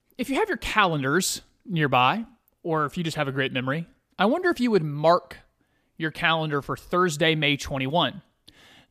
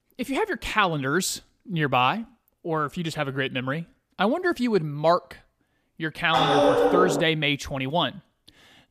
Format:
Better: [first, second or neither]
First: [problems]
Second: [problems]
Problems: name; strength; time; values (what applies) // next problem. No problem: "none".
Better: first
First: none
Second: dog barking; loud; at 6.5 s; peak 6 dB above the speech